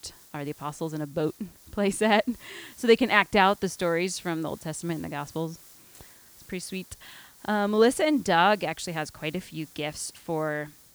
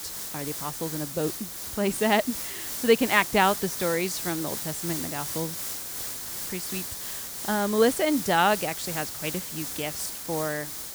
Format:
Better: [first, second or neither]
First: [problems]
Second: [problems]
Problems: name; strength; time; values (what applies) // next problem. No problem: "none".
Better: first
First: hiss; faint; throughout; 25 dB below the speech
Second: hiss; loud; throughout; 5 dB below the speech